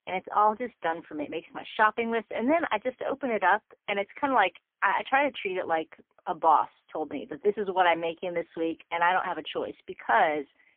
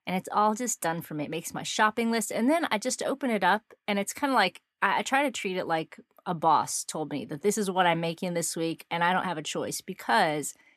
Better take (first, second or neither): second